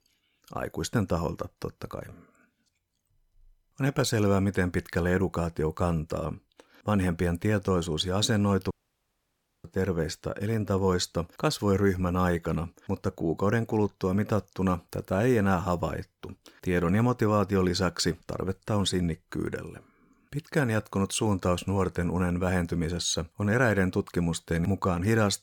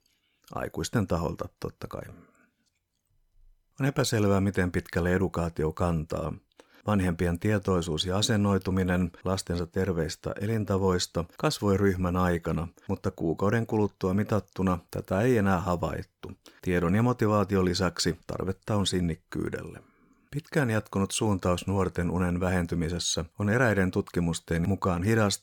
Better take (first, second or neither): second